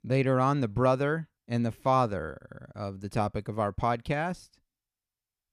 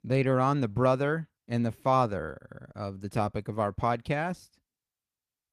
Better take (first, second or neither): first